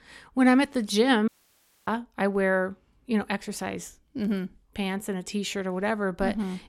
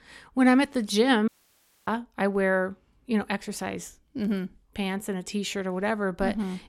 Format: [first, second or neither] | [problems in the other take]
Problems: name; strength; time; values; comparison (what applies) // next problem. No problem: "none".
neither | audio cutting out; at 1.5 s for 0.5 s; the same in both